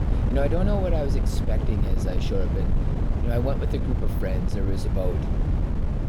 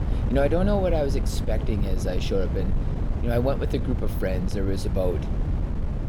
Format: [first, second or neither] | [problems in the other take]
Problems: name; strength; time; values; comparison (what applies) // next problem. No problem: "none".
second | wind noise on the microphone; heavy; 4 dB below the speech; occasional gusts in the second